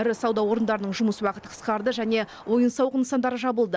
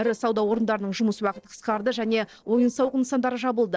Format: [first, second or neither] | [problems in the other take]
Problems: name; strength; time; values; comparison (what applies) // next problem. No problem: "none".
first | noise reduction (neural separator model SepFormer DNS4)